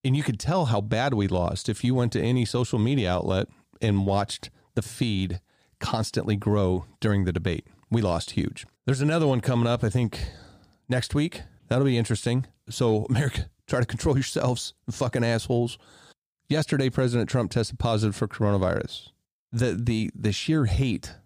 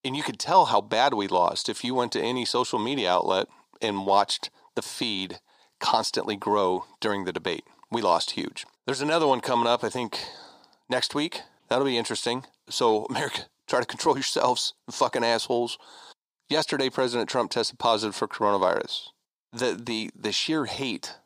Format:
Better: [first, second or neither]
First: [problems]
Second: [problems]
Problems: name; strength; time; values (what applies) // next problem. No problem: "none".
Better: first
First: none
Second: thin; very; fading below 350 Hz